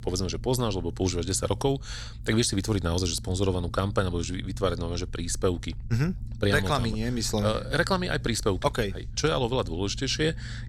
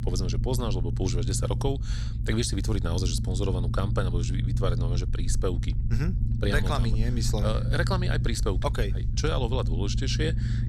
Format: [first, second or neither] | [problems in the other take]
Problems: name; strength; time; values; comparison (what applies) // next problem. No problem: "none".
first | low rumble; loud; throughout; 10 dB below the speech; faint in the first